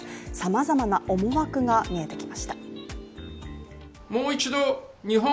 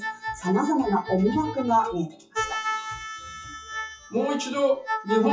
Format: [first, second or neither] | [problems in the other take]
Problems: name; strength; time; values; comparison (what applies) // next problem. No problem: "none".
first | noise reduction (classical method WPE with log-MMSE)